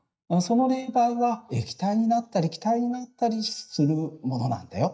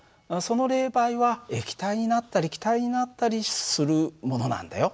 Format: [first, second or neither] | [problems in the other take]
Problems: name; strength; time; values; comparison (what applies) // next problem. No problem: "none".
second | noise reduction (neural mask model DeepFilterNet 3)